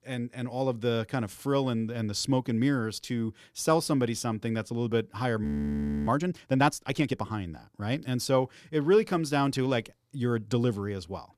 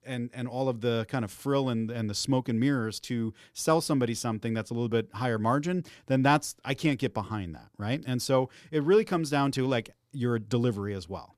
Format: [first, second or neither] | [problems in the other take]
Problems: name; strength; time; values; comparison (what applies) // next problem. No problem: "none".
second | audio freezing; at 5.5 s for 0.5 s